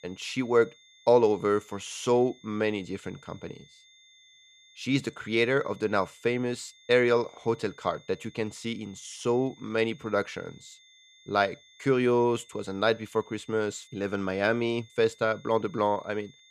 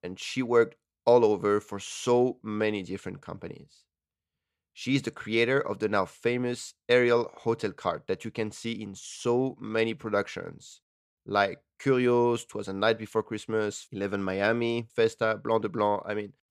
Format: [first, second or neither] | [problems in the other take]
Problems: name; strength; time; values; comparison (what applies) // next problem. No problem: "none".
second | high-pitched whine; faint; throughout; 3.5 kHz, 25 dB below the speech